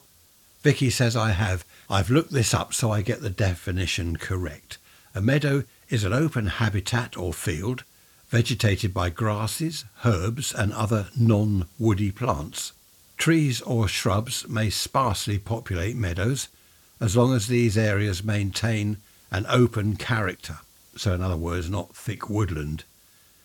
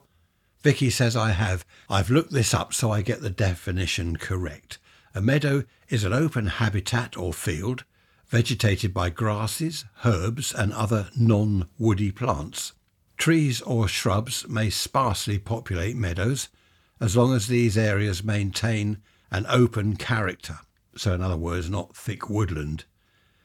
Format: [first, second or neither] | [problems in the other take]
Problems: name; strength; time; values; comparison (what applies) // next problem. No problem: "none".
second | hiss; faint; throughout; 30 dB below the speech